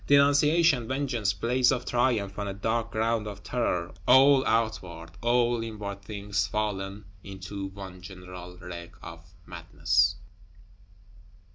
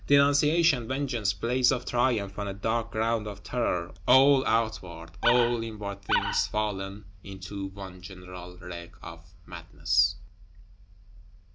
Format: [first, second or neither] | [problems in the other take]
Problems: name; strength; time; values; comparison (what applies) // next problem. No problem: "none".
first | background sound (Animal); 3 dB below the speech